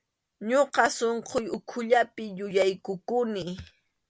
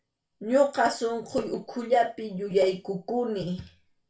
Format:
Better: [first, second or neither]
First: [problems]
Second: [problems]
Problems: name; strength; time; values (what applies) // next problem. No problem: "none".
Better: first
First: none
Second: room echo; dies away in 0.3 s